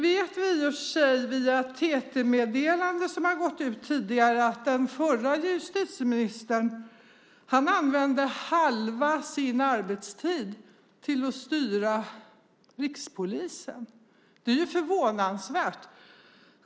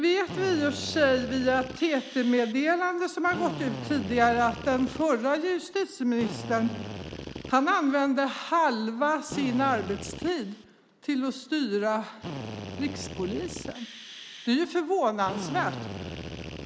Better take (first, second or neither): first